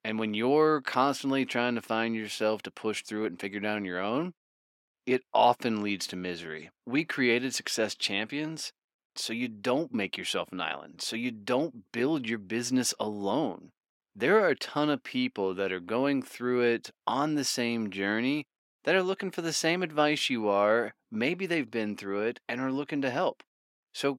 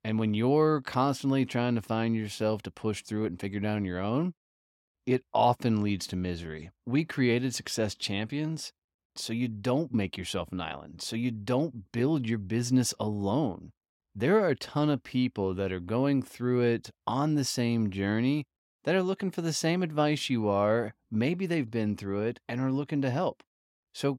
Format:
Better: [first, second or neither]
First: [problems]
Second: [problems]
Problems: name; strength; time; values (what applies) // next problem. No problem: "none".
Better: second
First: thin; very slightly; fading below 250 Hz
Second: none